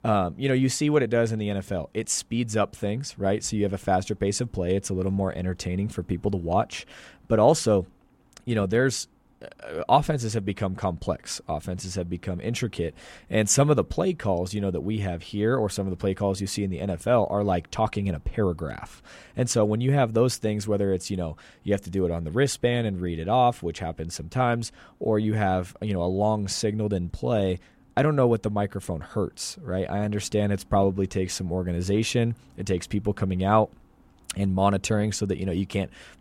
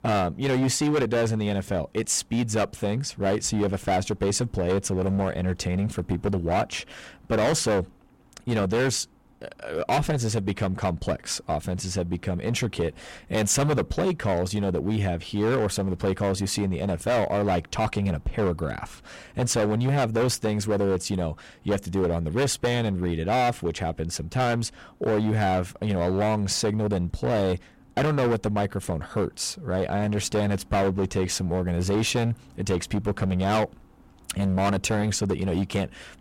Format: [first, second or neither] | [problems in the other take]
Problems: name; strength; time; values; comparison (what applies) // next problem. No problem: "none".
first | distortion; heavy; 14% of the sound clipped